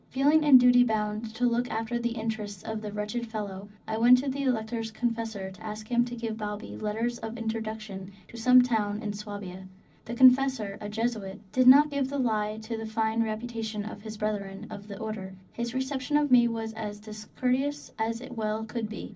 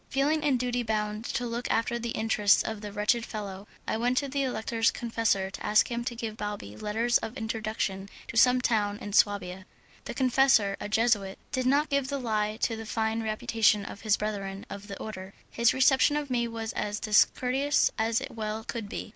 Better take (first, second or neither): second